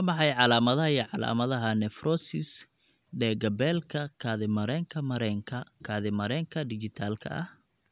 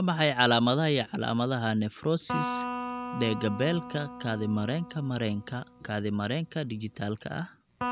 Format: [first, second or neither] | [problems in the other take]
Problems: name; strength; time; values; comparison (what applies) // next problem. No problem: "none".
first | background sound (Electric guitar); 10 dB below the speech